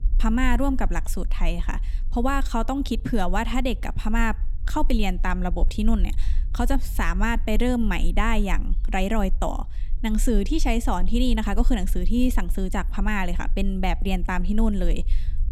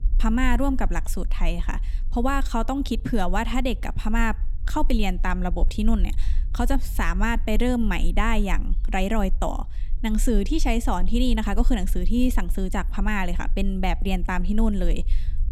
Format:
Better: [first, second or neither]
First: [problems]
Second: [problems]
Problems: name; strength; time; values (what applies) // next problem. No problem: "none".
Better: neither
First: low rumble; faint; throughout; 25 dB below the speech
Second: low rumble; faint; throughout; 25 dB below the speech